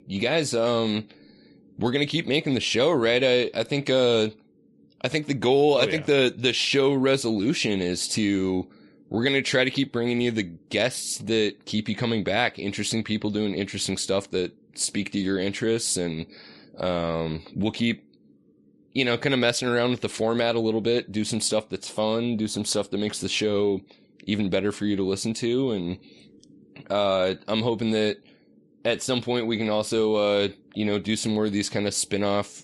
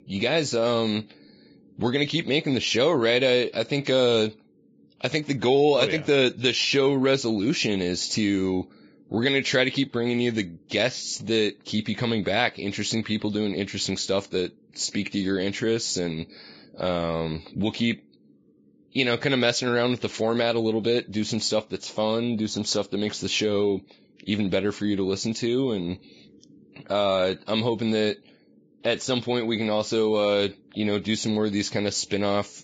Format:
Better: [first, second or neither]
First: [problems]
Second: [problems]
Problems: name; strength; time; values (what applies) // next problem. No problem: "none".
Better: first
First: garbled, watery; slightly; nothing above 10.5 kHz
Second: garbled, watery; badly; nothing above 7.5 kHz